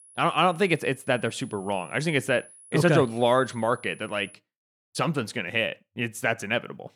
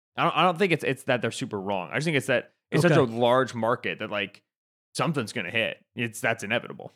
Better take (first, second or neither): second